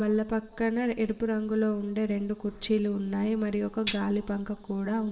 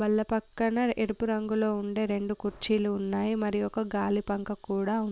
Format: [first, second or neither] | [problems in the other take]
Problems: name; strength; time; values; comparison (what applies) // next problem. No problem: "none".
second | background sound (Tambourine); 12 dB below the speech // room echo; dies away in 2.1 s